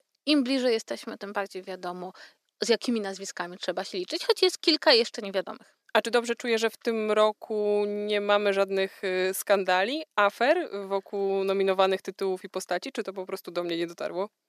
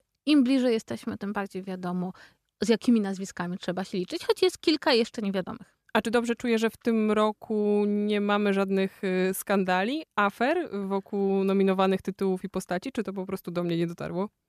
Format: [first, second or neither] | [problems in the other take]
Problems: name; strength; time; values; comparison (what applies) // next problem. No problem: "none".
second | thin; somewhat; fading below 300 Hz